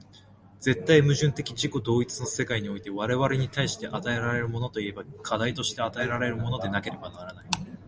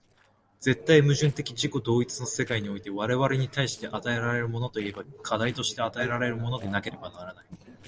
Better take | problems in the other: first | noise reduction (neural separator model SepFormer DNS4)

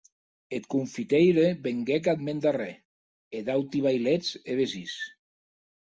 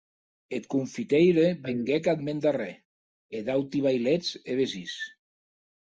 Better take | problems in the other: first | noise reduction (neural mask model Resemble Enhance denoiser)

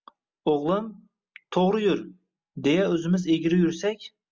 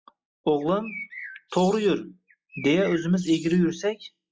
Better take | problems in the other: first | noise reduction (classical method log-MMSE)

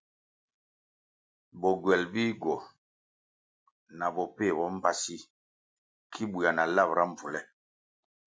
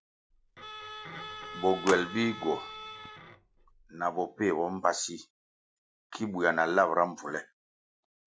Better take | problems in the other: first | background sound (Telephone + Bowed string instrument); 10 dB below the speech

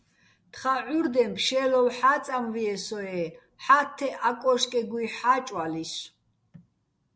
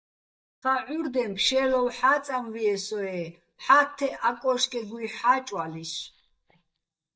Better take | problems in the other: first | noise reduction (neural mask model DeepFilterNet 3)

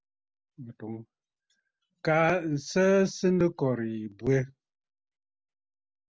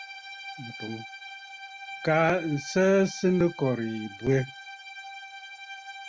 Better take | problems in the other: first | background sound (Bowed string instrument); 14 dB below the speech

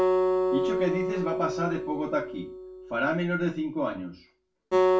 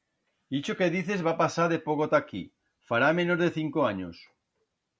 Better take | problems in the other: second | background sound (Acoustic guitar); 3 dB above the speech // room echo; dies away in 0.2 s

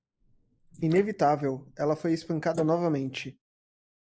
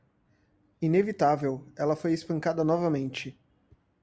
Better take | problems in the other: second | noise reduction (neural mask model Resemble Enhance denoiser)

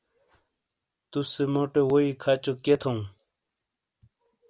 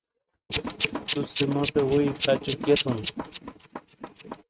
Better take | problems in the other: first | noise reduction (neural mask model RNNoise)

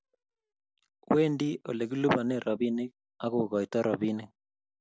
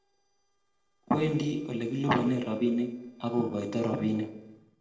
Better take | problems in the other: first | noise reduction (neural separator model SepFormer DNS4)

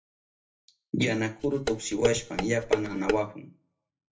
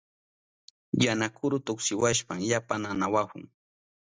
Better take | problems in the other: second | background sound (Dishes, pots, and pans); 2 dB below the speech // room echo; dies away in 0.3 s

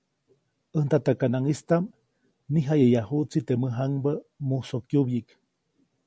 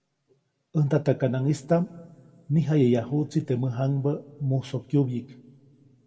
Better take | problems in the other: first | room echo; dies away in 0.9 s

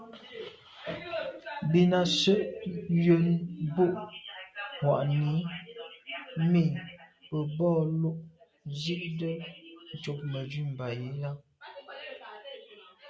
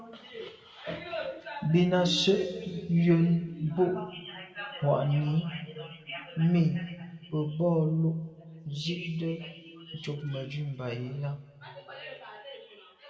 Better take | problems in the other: first | room echo; dies away in 1.6 s

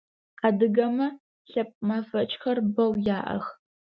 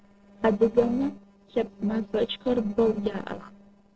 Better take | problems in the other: first | noise reduction (neural separator model SepFormer DNS4)

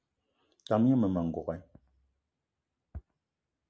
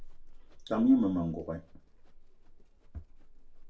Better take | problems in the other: first | background sound (Livestock, farm animals, working animals); 15 dB below the speech // room echo; dies away in 0.2 s

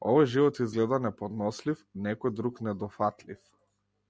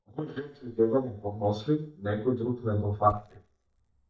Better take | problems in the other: first | noise reduction (neural mask model DeepFilterNet 3)

